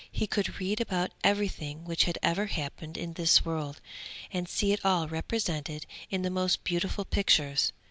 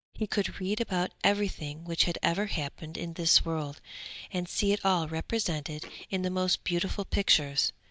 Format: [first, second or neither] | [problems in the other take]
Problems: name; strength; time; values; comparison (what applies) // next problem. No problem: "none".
first | noise reduction (neural mask model DeepFilterNet 3)